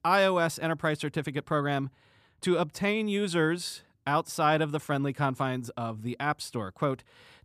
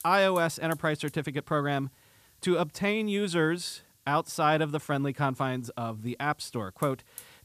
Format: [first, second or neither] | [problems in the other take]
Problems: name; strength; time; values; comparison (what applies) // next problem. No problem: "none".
first | hiss; faint; throughout; 25 dB below the speech